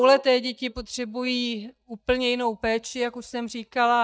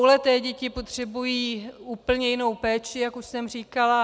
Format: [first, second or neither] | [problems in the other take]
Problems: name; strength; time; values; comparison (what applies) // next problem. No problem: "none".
second | noise reduction (neural mask model DeepFilterNet 3)